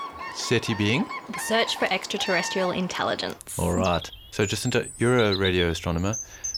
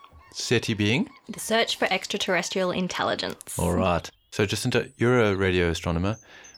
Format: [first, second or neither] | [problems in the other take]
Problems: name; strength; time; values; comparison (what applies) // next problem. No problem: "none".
second | animal sounds; loud; throughout; 9 dB below the speech; faint in the second